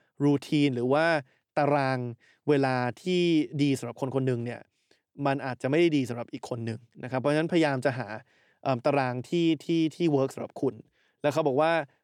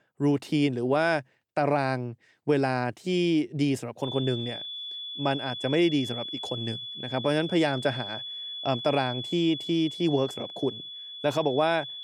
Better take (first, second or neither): first